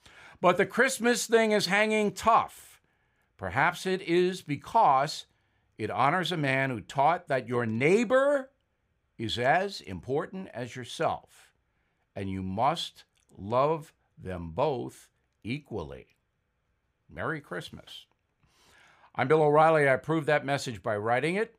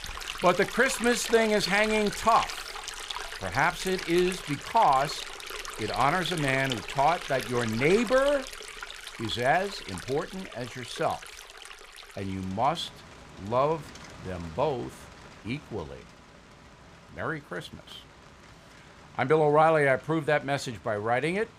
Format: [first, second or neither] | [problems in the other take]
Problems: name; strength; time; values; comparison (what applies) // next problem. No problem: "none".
first | rain or running water; noticeable; throughout; 10 dB below the speech